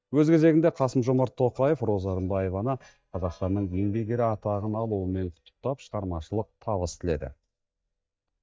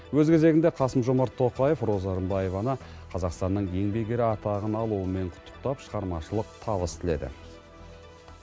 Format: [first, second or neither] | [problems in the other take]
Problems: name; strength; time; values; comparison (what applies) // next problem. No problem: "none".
second | noise reduction (neural mask model DeepFilterNet 3)